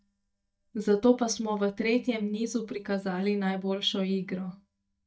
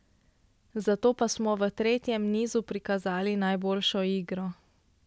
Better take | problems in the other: second | noise reduction (neural mask model DeepFilterNet 3)

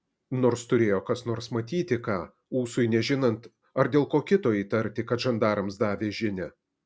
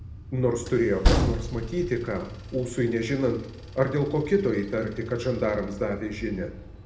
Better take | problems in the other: first | background sound (Train); 4 dB below the speech // room echo; dies away in 0.8 s

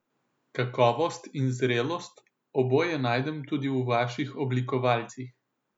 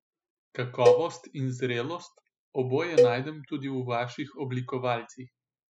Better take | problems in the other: first | noise reduction (classical method spectral subtraction)

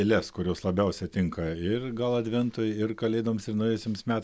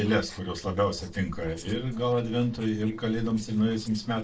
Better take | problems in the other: first | noise reduction (neural separator model SepFormer DNS4)

